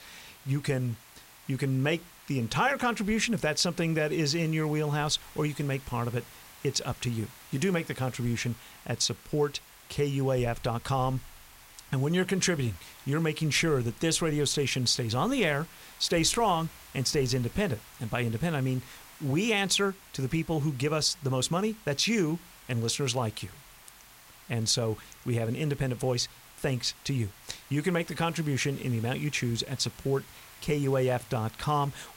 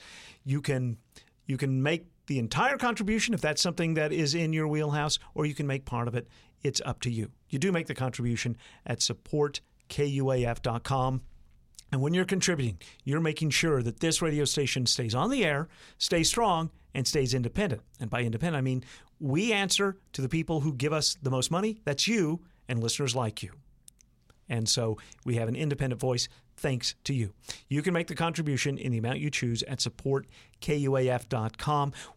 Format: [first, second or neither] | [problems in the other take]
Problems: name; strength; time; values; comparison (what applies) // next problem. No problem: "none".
second | hiss; faint; throughout; 20 dB below the speech